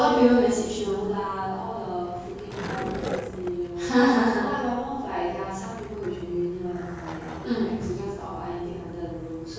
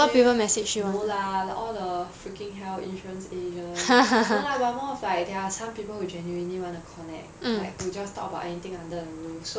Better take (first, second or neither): second